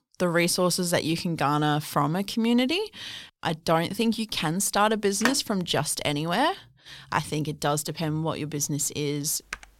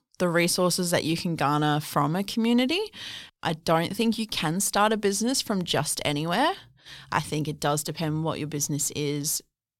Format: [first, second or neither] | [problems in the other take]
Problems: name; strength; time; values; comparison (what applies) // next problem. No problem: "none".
second | phone ringing; noticeable; at 5.5 s; peak 3 dB below the speech // keyboard typing; faint; at 9.5 s; peak 15 dB below the speech